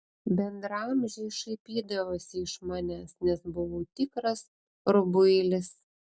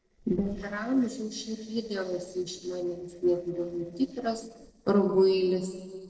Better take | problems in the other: first | noise reduction (neural separator model SepFormer DNS4)

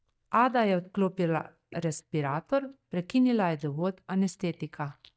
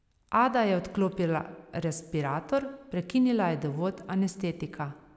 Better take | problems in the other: second | noise reduction (neural mask model DeepFilterNet 3)

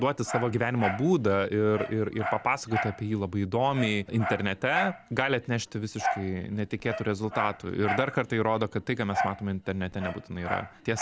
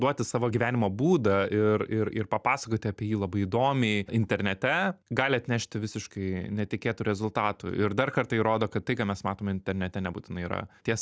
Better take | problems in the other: second | background sound (Dog); 8 dB below the speech

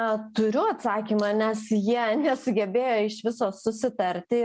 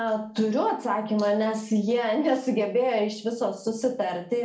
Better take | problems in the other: first | room echo; dies away in 0.4 s

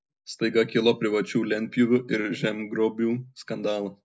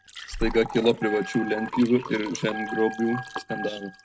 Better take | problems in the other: first | noise reduction (neural mask model RNNoise)

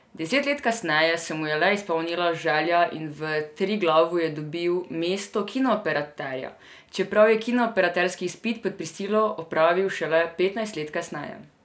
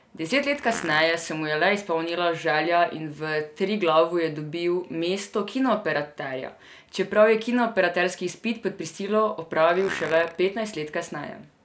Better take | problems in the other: first | background sound (Fart); 16 dB below the speech

